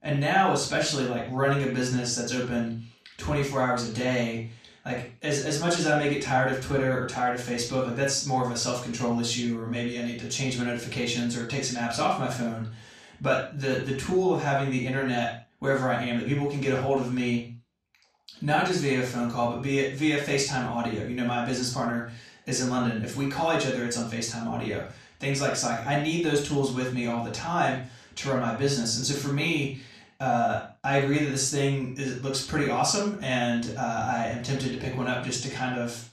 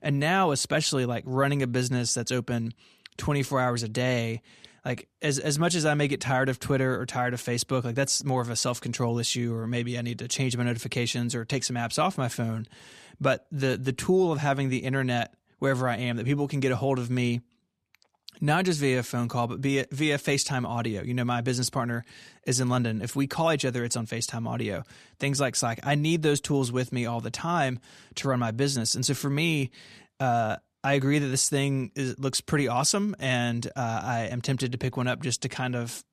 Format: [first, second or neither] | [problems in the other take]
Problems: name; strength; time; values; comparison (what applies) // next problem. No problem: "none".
second | room echo; noticeable; dies away in 0.3 s // off-mic speech; far